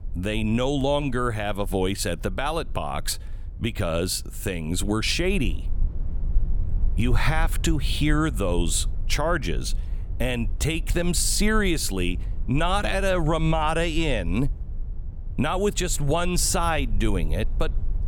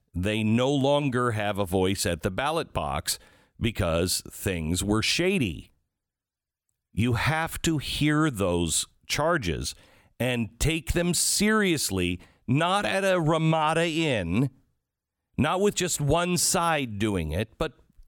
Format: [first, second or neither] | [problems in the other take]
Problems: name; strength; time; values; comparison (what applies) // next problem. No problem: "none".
second | low rumble; faint; throughout; 25 dB below the speech